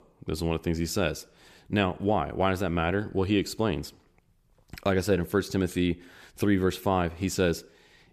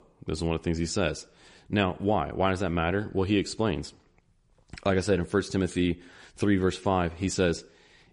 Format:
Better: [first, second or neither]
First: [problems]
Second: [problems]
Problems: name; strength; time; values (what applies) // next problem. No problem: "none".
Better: first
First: none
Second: garbled, watery; slightly; nothing above 10.5 kHz